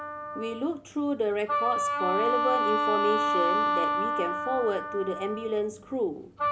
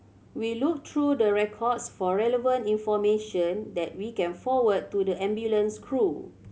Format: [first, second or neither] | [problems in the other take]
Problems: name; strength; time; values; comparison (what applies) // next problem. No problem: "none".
second | background sound (Wind instrument, woodwind instrument); 1 dB above the speech